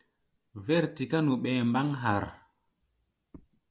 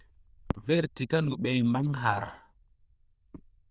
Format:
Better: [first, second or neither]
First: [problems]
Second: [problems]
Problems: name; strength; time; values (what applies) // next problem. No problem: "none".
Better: first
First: none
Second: noise reduction (neural diffusion model UNIVERSE++)